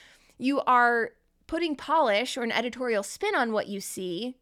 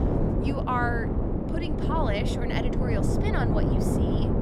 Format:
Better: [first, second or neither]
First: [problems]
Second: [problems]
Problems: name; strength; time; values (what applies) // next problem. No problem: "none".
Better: first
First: none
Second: wind noise on the microphone; heavy; 1 dB below the speech